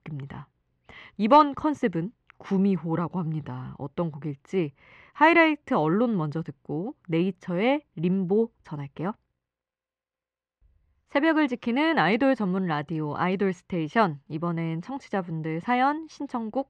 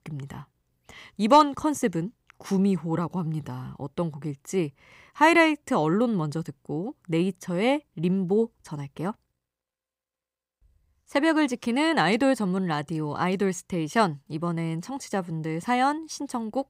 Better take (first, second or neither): second